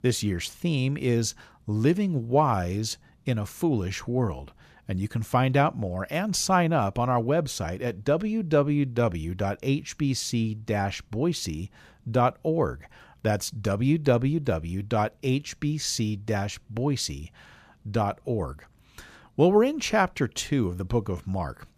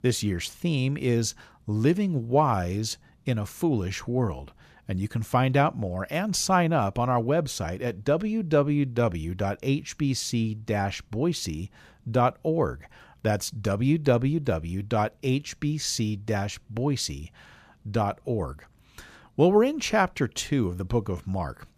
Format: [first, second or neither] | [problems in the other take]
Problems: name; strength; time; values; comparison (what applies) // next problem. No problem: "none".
neither | none